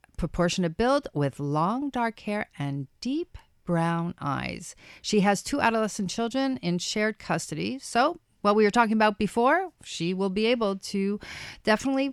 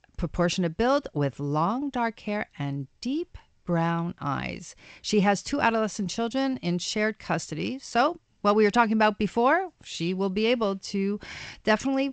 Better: first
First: none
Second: garbled, watery; slightly; nothing above 8 kHz

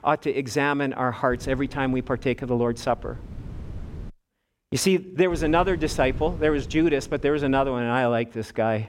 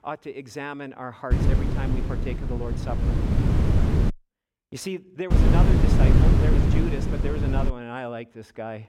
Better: first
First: wind noise on the microphone; occasional gusts; from 1.5 to 4 s and from 5.5 to 7.5 s; 25 dB below the speech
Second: wind noise on the microphone; heavy; from 1.5 to 4 s and from 5.5 to 7.5 s; 2 dB above the speech

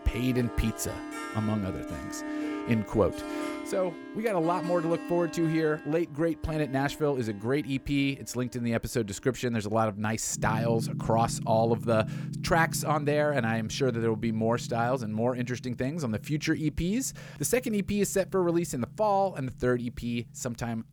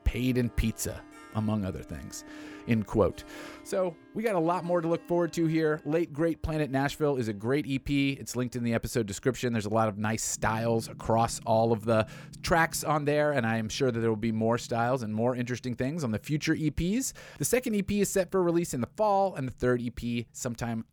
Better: second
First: background music; loud; throughout; 10 dB below the speech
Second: background music; faint; throughout; 20 dB below the speech

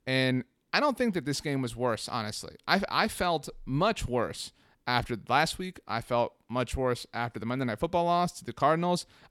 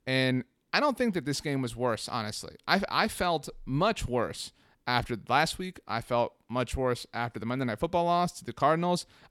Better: neither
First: none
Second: none

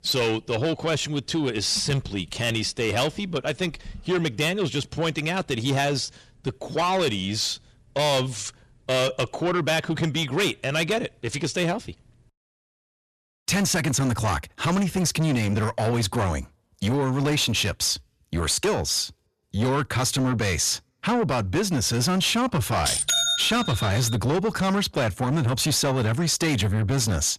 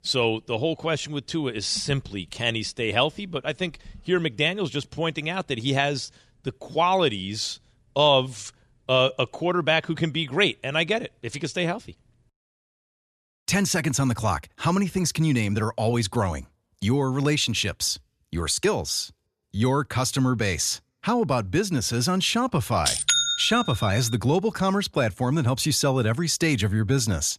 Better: second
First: distortion; heavy; 8 dB below the speech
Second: none

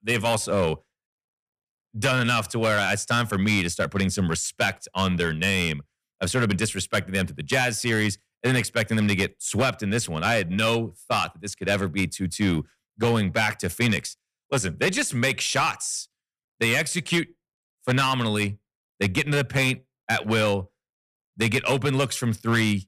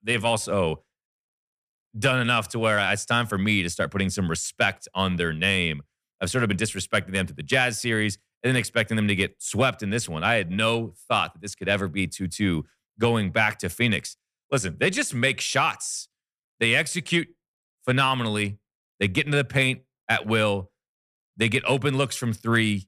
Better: second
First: distortion; slight; 5% of the sound clipped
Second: none

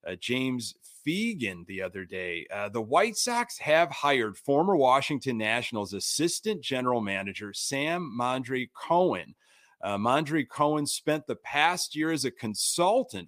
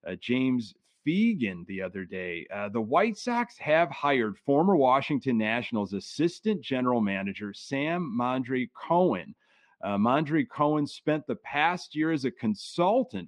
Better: first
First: none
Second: muffled; slightly; fading above 3 kHz

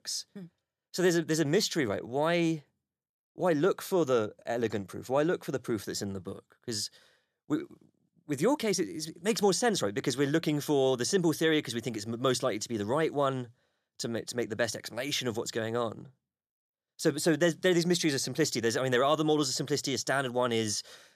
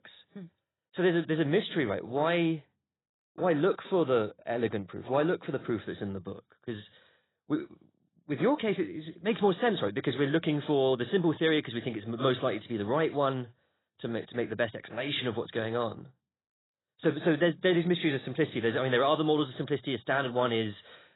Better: first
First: none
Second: garbled, watery; badly; nothing above 4 kHz

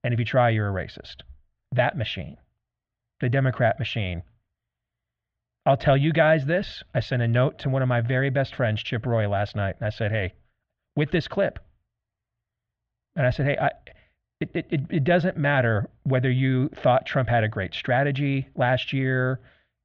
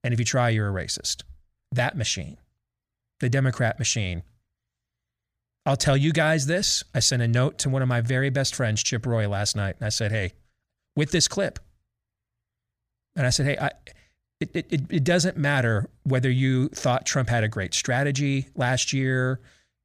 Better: second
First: muffled; very; fading above 3 kHz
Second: none

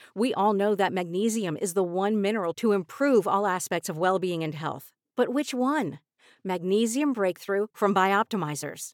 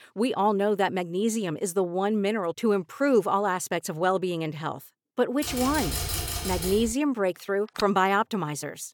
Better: first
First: none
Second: keyboard typing; noticeable; from 5.5 to 7 s; peak 2 dB below the speech // phone ringing; very faint; at 8 s; peak 10 dB below the speech

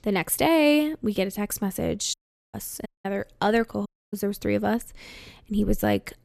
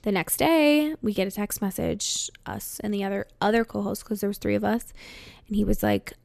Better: second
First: audio cutting out; at 2 s, at 3 s and at 4 s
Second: none

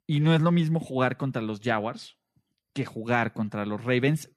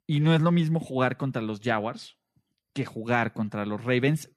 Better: neither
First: none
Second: none

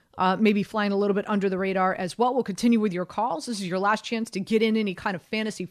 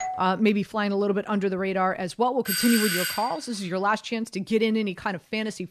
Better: first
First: none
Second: doorbell; noticeable; at the start; peak 7 dB below the speech // doorbell; loud; at 2.5 s; peak 2 dB above the speech

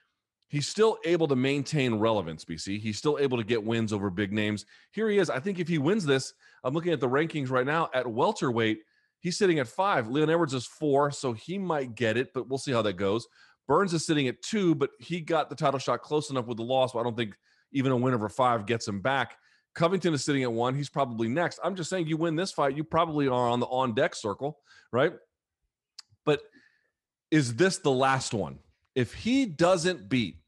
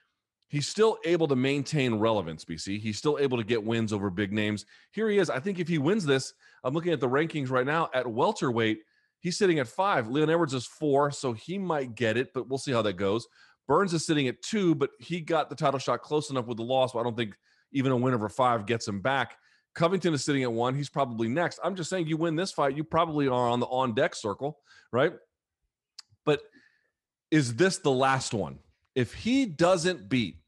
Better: neither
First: none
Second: none

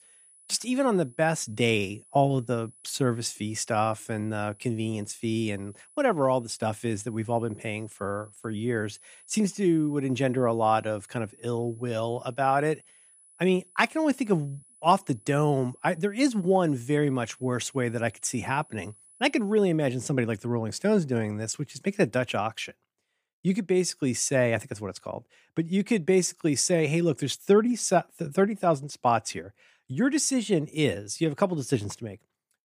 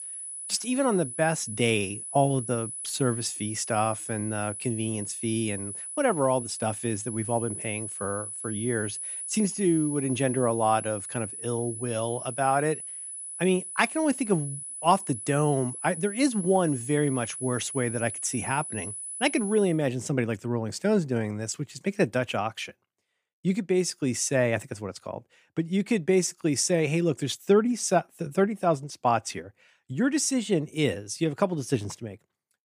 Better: first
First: high-pitched whine; faint; until 20 s; 10 kHz, 25 dB below the speech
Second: high-pitched whine; loud; until 20 s; 10 kHz, 7 dB below the speech

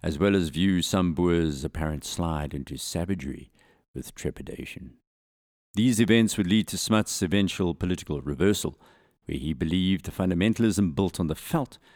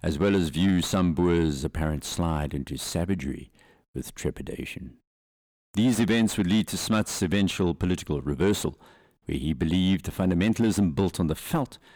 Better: first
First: none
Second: distortion; slight; 10 dB below the speech

